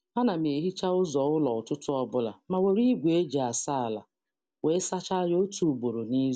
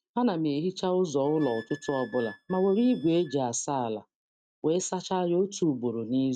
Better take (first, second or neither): first